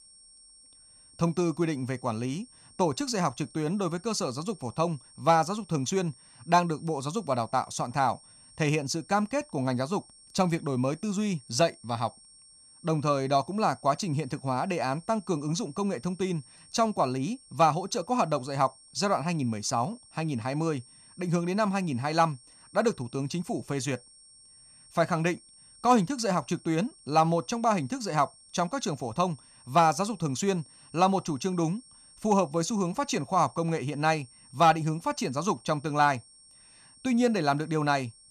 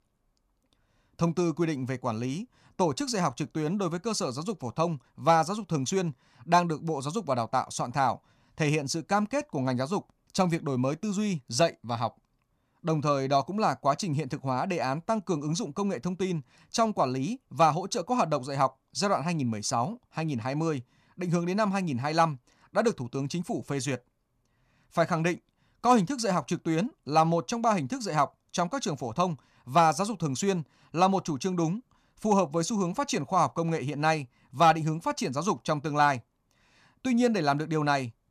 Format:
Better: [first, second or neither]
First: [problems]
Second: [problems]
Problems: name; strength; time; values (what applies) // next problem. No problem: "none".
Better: second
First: high-pitched whine; faint; throughout; 8.5 kHz, 25 dB below the speech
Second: none